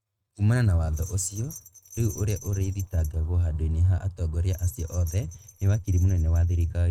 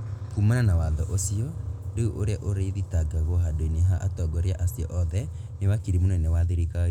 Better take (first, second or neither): second